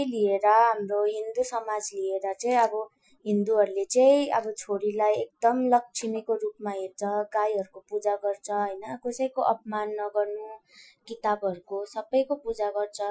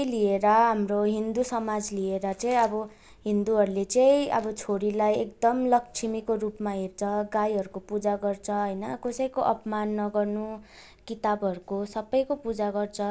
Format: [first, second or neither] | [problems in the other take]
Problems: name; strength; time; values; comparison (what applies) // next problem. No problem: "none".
second | noise reduction (classical method Wiener filter)